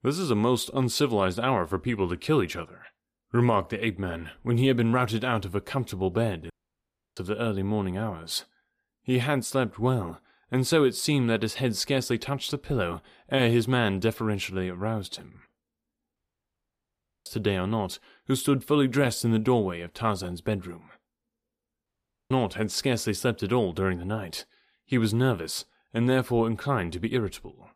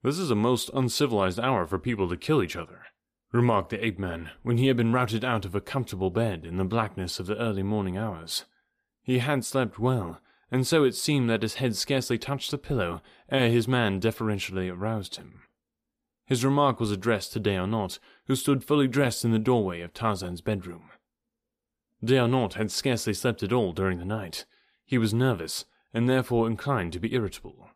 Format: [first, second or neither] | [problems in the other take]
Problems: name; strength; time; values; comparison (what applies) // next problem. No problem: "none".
second | audio cutting out; at 6.5 s for 0.5 s, at 16 s for 1 s and at 22 s